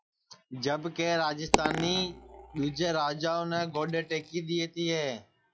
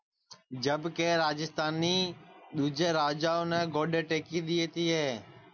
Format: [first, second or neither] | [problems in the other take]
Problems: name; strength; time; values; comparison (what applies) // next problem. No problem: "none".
second | noise reduction (classical method log-MMSE)